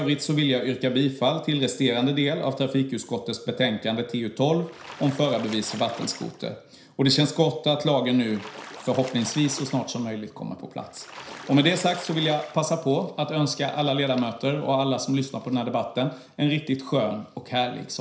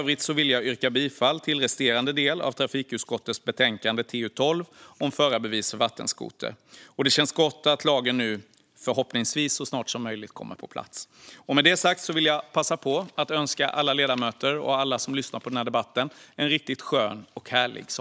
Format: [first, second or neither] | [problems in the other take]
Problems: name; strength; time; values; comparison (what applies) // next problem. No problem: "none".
second | background sound (Splash, splatter); 17 dB below the speech // room echo; dies away in 0.5 s